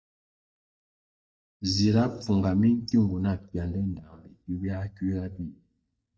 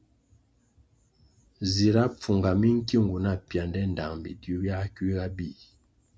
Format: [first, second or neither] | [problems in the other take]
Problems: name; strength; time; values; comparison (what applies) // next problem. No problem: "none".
second | noise reduction (neural mask model DeepFilterNet 3)